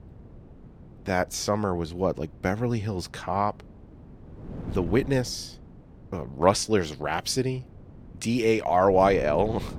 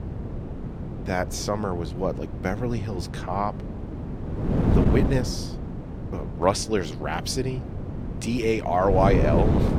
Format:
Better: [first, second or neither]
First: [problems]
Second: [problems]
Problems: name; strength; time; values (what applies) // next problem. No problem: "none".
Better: first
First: wind noise on the microphone; occasional gusts; 25 dB below the speech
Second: wind noise on the microphone; heavy; 9 dB below the speech